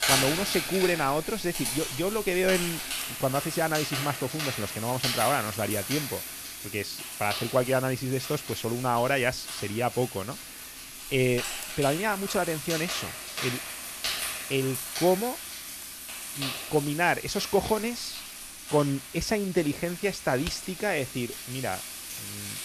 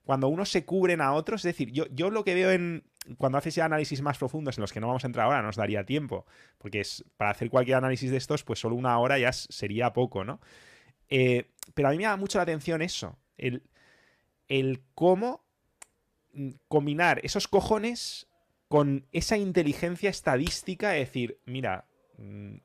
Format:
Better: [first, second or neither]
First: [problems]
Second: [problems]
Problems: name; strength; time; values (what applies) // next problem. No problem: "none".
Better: second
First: household noises; loud; throughout; 5 dB below the speech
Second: none